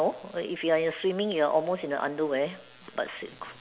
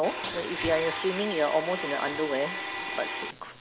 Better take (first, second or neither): first